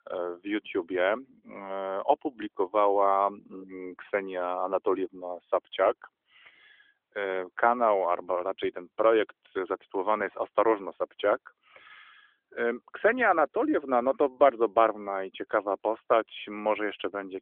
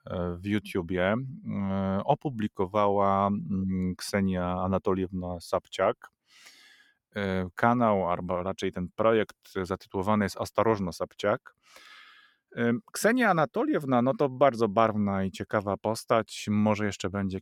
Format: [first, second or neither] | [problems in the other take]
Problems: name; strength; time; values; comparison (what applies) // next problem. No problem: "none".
second | phone-call audio; nothing above 3.5 kHz